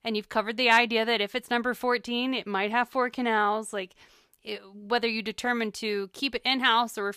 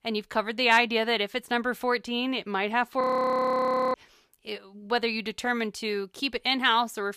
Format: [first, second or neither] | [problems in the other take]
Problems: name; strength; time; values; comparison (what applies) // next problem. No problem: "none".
first | audio freezing; at 3 s for 1 s